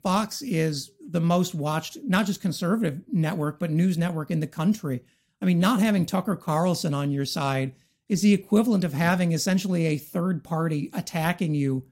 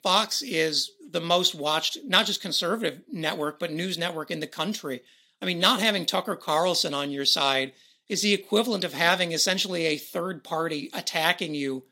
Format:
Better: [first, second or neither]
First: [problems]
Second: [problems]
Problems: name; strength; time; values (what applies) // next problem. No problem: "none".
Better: first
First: none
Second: thin; somewhat; fading below 400 Hz